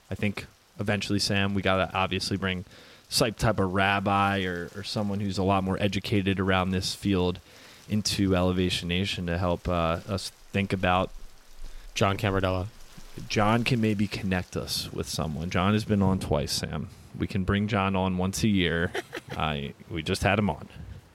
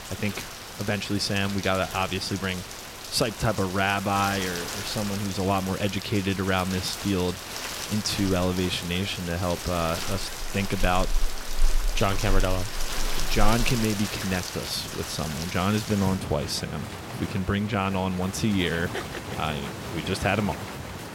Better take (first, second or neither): first